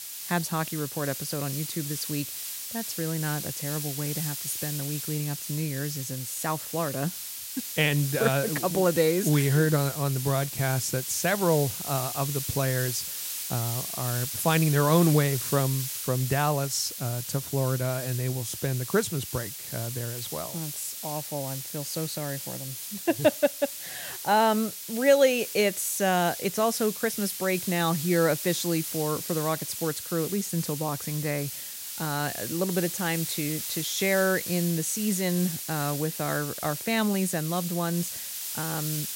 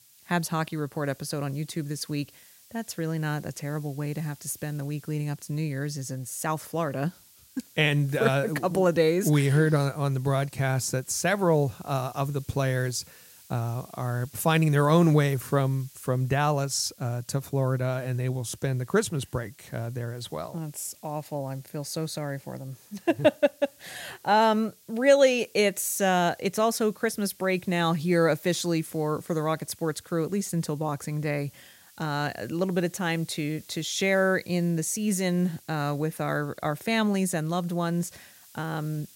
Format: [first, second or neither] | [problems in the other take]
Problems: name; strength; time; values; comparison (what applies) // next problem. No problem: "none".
second | hiss; loud; throughout; 5 dB below the speech; faint in the second